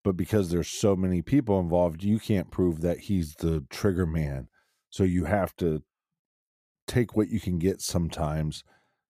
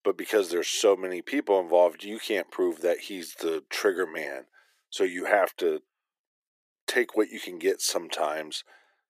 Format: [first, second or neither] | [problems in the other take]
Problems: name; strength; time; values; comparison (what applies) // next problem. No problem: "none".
first | thin; very; fading below 350 Hz